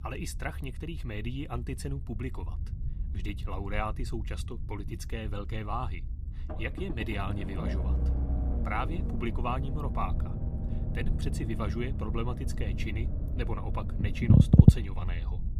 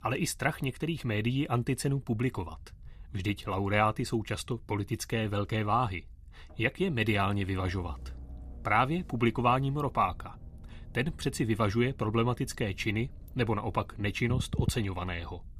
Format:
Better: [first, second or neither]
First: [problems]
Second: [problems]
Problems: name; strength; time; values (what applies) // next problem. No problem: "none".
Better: second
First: low rumble; loud; throughout; 1 dB below the speech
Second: low rumble; faint; throughout; 25 dB below the speech